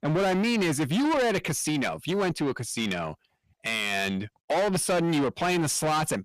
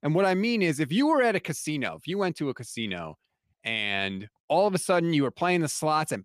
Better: second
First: distortion; heavy; 7 dB below the speech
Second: none

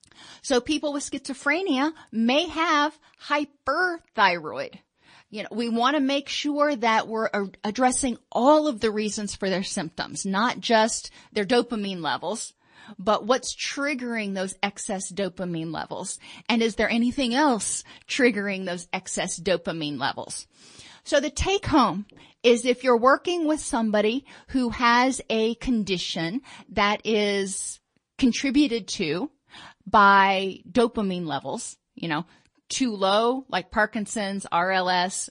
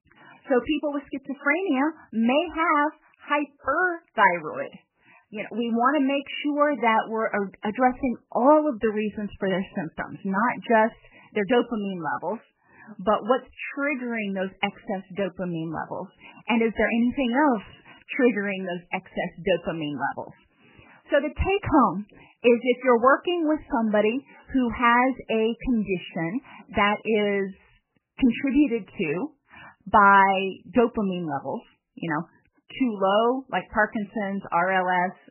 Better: first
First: garbled, watery; slightly; nothing above 9.5 kHz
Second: garbled, watery; badly; nothing above 3 kHz

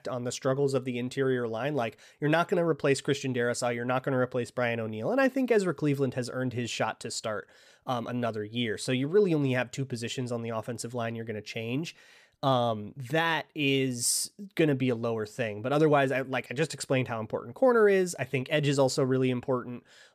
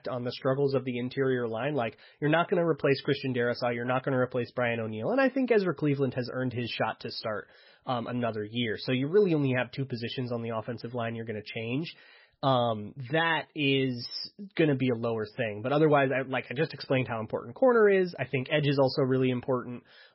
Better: first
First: none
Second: garbled, watery; badly; nothing above 5.5 kHz

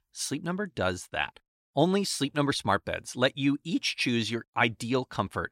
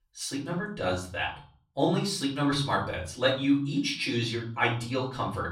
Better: first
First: none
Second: off-mic speech; far // room echo; slight; dies away in 0.5 s

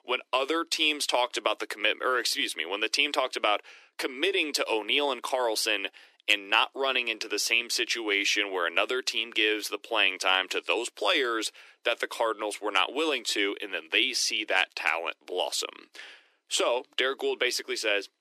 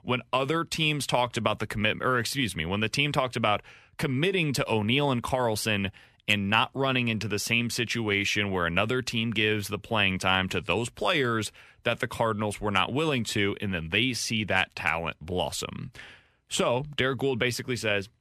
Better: second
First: thin; very; fading below 300 Hz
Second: none

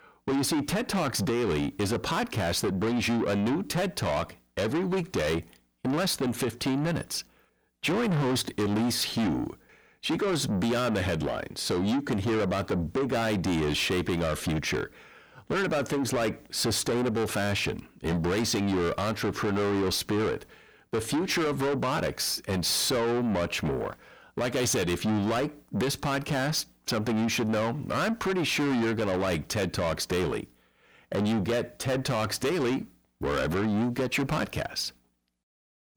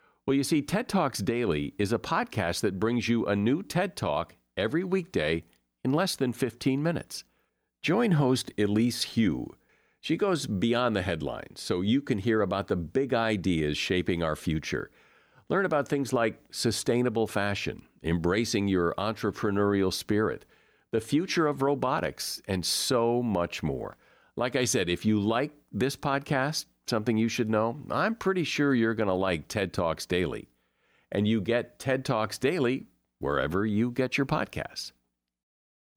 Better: second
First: distortion; heavy; 6 dB below the speech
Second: none

